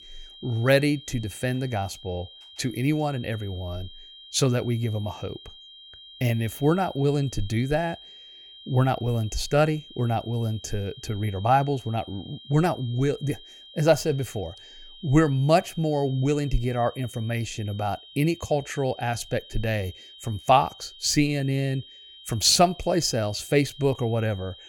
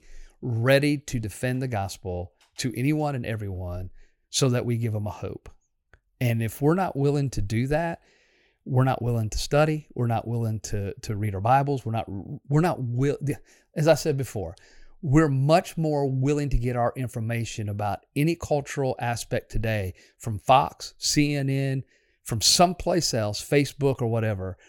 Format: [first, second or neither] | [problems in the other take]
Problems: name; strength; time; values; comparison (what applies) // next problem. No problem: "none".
second | high-pitched whine; noticeable; throughout; 3 kHz, 20 dB below the speech